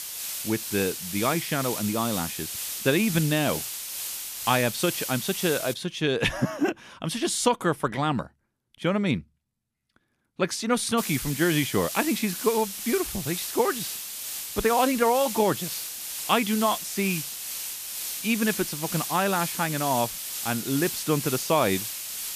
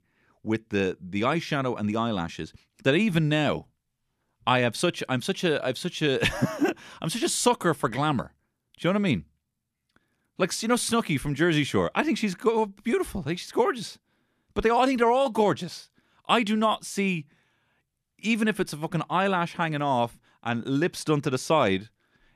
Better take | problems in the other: second | hiss; loud; until 5.5 s and from 11 s on; 5 dB below the speech

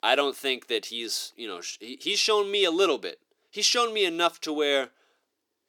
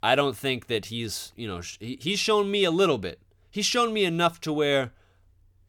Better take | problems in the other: second | thin; somewhat; fading below 300 Hz

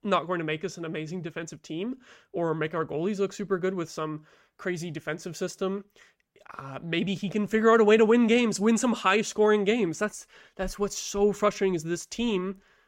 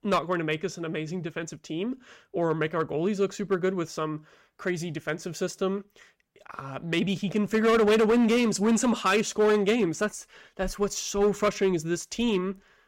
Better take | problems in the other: first | distortion; slight; 5% of the sound clipped

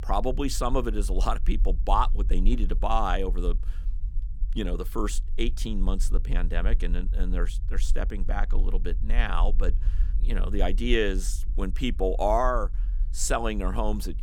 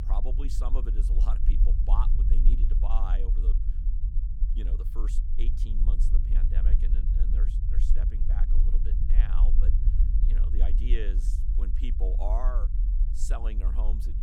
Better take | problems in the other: first | low rumble; loud; throughout; 6 dB below the speech; faint in the first

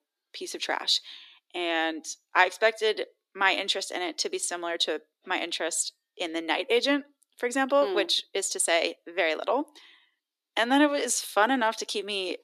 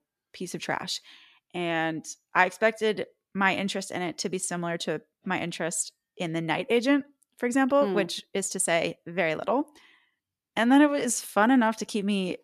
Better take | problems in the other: second | thin; very slightly; fading below 300 Hz

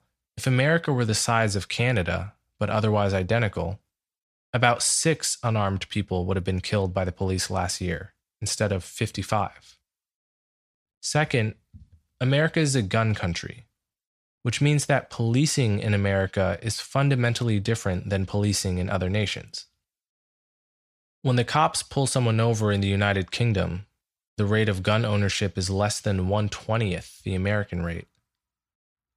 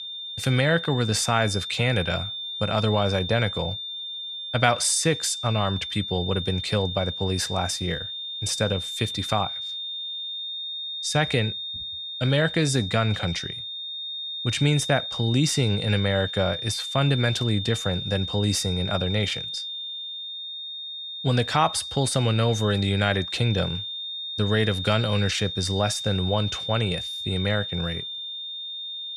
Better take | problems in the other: first | high-pitched whine; loud; throughout; 3.5 kHz, 6 dB below the speech

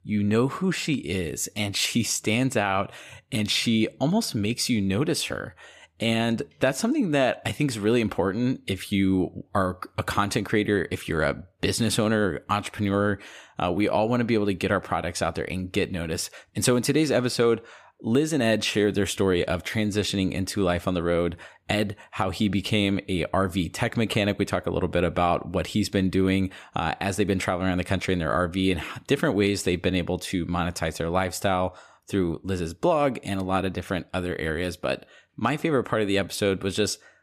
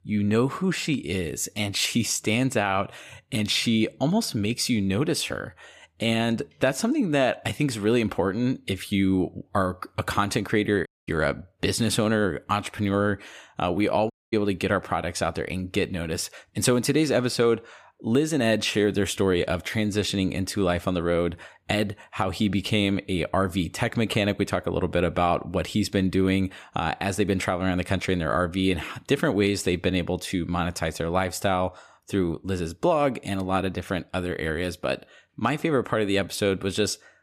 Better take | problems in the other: first | audio cutting out; at 11 s and at 14 s

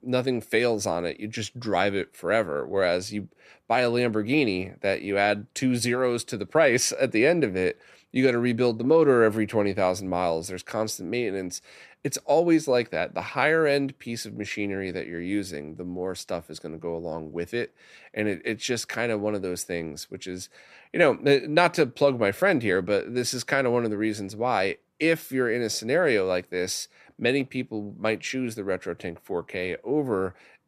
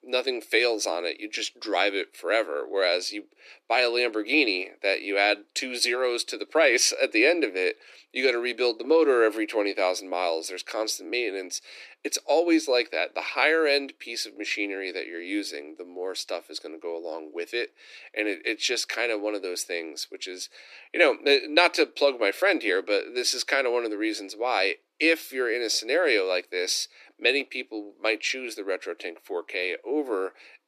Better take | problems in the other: first | thin; somewhat; fading below 300 Hz

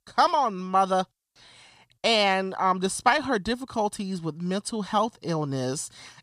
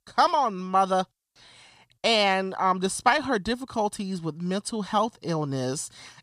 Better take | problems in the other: neither | none

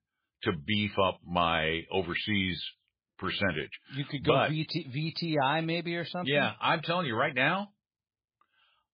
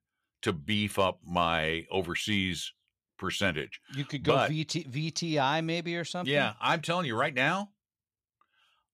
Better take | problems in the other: second | garbled, watery; badly; nothing above 4.5 kHz

